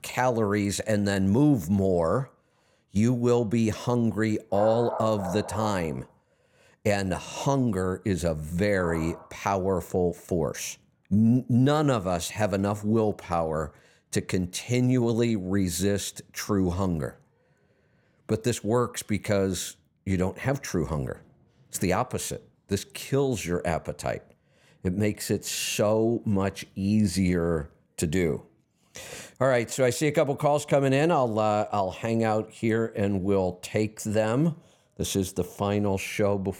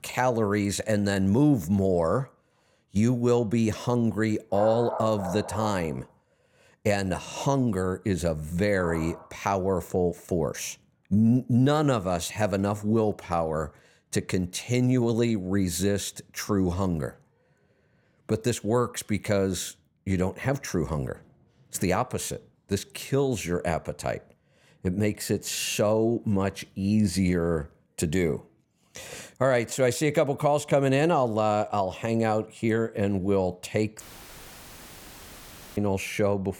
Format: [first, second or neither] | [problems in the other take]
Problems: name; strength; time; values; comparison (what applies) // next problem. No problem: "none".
first | audio cutting out; filled with static; at 34 s for 2 s